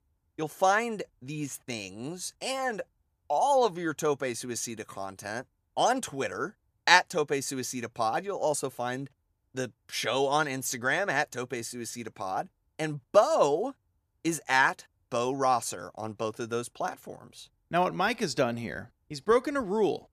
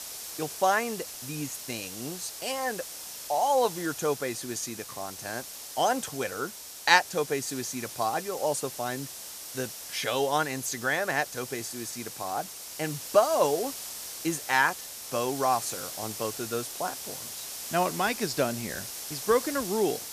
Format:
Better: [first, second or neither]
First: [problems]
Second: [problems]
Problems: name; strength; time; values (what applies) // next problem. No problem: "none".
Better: first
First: none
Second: hiss; loud; throughout; 8 dB below the speech